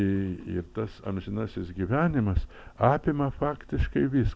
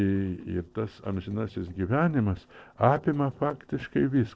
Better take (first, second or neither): first